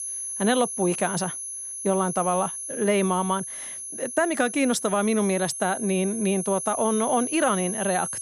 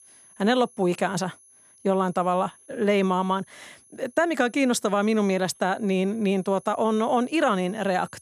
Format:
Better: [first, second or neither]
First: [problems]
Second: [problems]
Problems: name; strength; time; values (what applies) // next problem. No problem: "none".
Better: second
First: high-pitched whine; loud; throughout; 10.5 kHz, 6 dB below the speech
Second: high-pitched whine; faint; throughout; 10.5 kHz, 25 dB below the speech